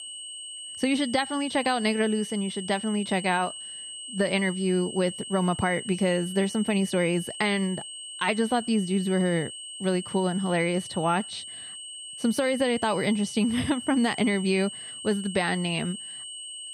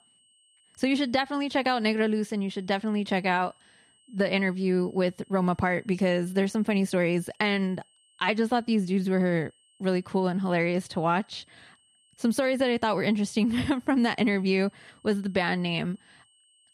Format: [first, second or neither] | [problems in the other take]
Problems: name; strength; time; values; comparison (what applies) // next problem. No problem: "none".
second | high-pitched whine; loud; throughout; 3 kHz, 10 dB below the speech; faint in the second